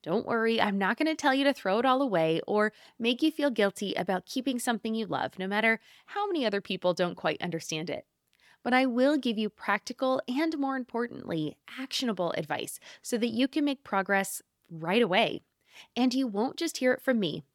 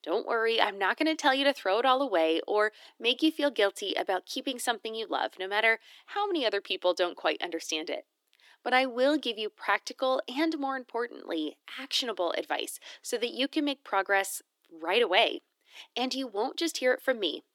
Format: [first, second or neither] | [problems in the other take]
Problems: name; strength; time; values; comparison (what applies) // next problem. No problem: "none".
first | thin; somewhat; fading below 300 Hz